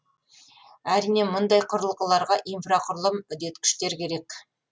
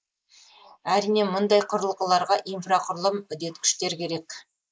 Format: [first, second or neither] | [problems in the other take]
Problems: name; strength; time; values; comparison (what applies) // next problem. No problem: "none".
first | noise reduction (neural mask model Resemble Enhance denoiser)